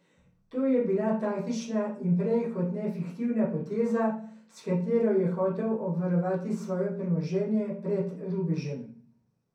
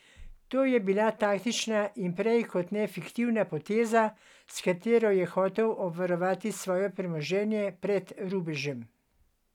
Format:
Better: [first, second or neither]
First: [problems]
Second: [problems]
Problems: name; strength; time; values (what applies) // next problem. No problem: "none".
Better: second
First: room echo; dies away in 0.6 s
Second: none